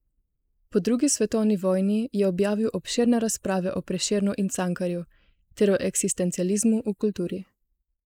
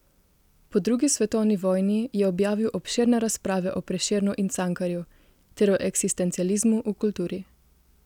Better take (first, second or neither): second